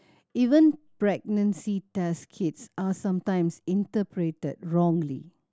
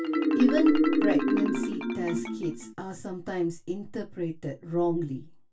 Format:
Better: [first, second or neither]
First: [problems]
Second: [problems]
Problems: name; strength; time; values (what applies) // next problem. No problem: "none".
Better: first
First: none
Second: background sound (Marimba, xylophone); 1 dB above the speech // room echo; dies away in 0.2 s